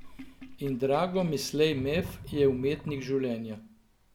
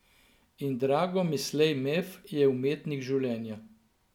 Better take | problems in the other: second | background sound (Sink (filling or washing)); 14 dB below the speech

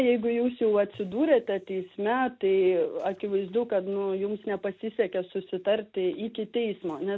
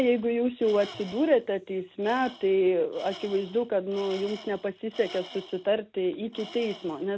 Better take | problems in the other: first | background sound (Tools); 19 dB below the speech

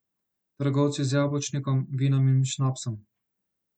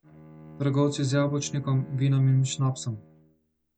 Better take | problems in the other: first | background sound (Bowed string instrument); 19 dB below the speech

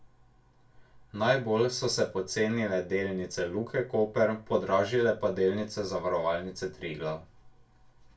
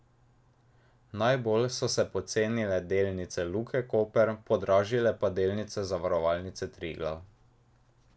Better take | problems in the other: second | room echo; dies away in 0.2 s

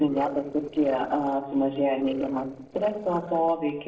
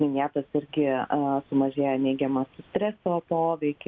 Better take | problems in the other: second | noise reduction (neural separator model SepFormer DNS4)

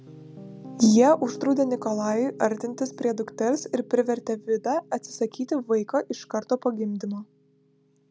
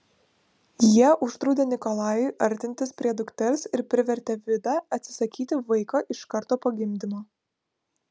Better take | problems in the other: second | background sound (Piano); 18 dB below the speech

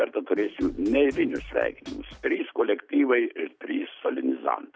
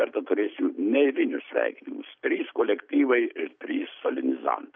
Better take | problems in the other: second | background sound (Drum kit); 19 dB below the speech

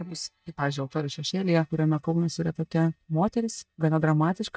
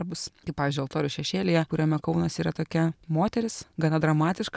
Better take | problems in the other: second | noise reduction (neural mask model DeepFilterNet 3)

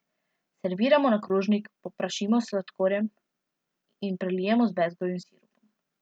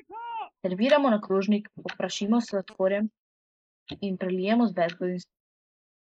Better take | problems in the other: first | noise reduction (neural mask model Resemble Enhance denoiser)

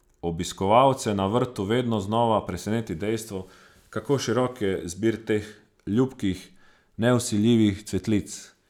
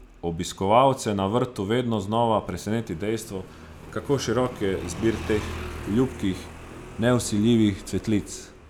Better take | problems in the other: first | background sound (Motorcycle); 14 dB below the speech

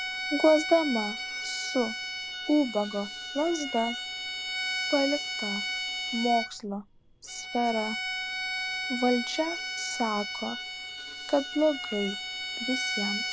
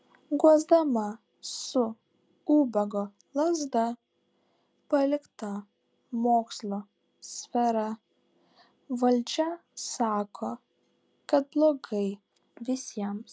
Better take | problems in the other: second | background sound (Bowed string instrument); 4 dB below the speech

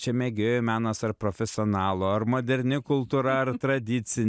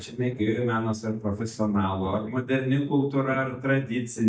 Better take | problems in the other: first | noise reduction (neural mask model DeepFilterNet 3)

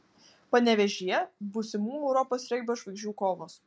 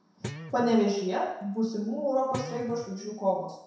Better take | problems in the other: first | background sound (Guitar); 14 dB below the speech // room echo; dies away in 0.7 s

